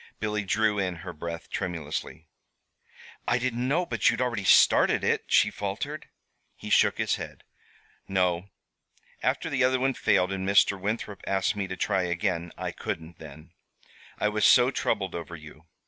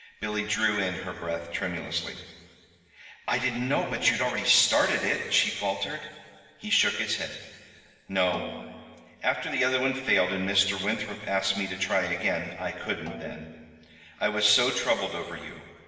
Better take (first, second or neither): first